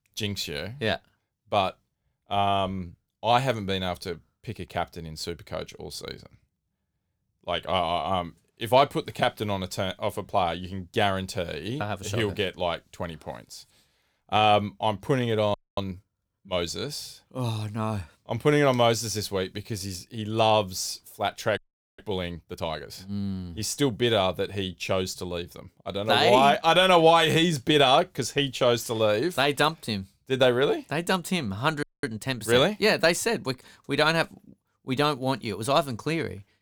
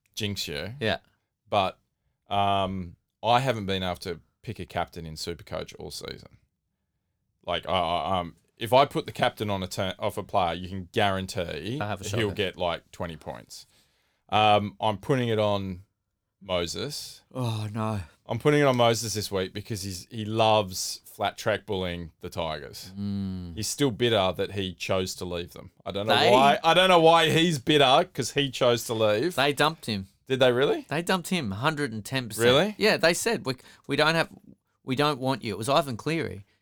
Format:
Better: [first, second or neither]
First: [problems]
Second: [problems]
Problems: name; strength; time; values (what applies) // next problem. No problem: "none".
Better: second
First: audio freezing; at 16 s, at 22 s and at 32 s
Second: none